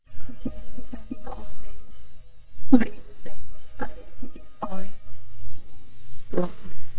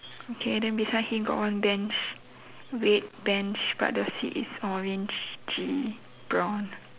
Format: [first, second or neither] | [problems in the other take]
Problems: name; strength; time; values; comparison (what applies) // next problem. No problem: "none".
second | noise reduction (neural mask model DeepFilterNet 3)